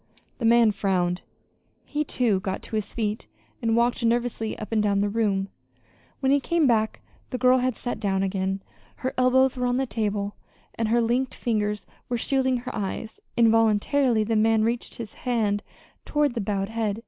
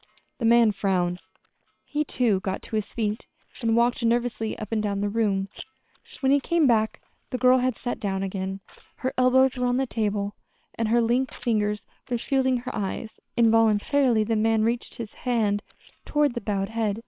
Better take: first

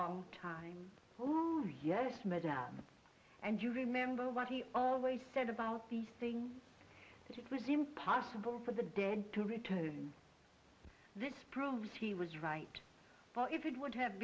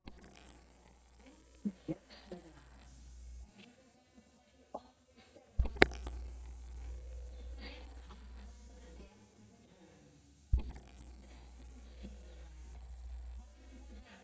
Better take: first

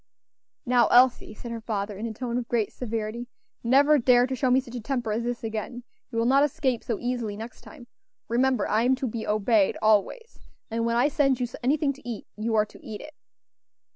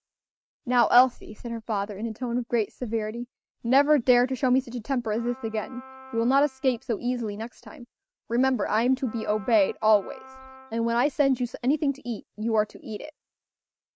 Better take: first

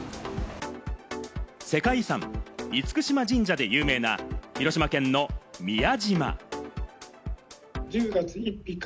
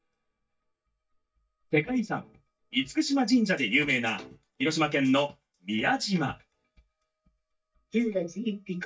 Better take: first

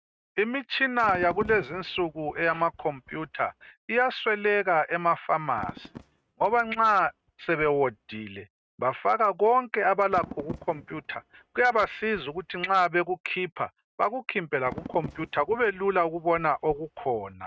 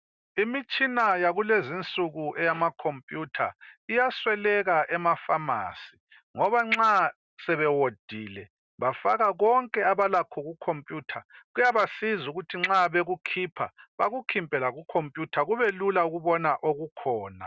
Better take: second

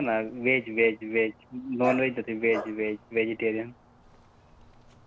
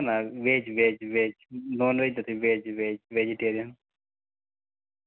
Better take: second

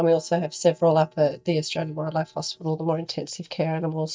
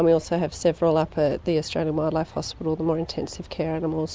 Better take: second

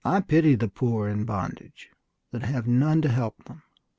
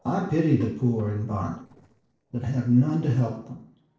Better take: first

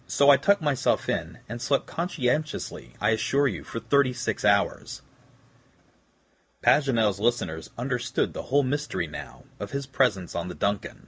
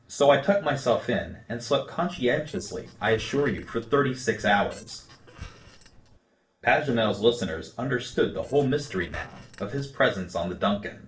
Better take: first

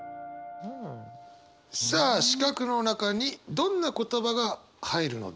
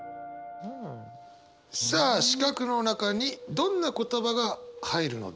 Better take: first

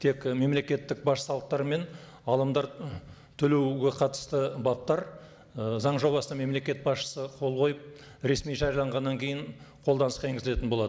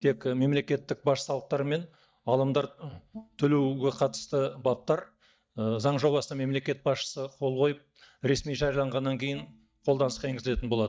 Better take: first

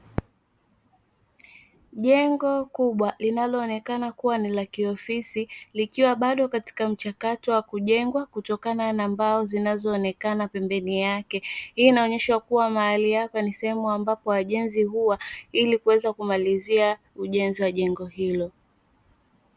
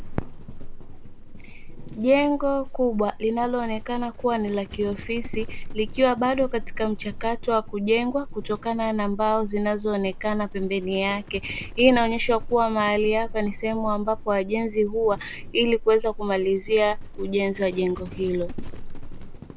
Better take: first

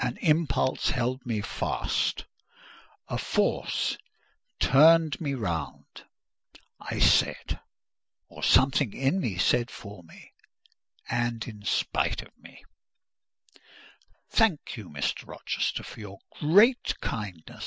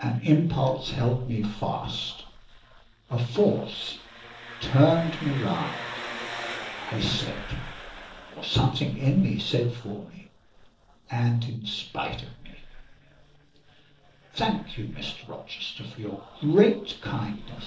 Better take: first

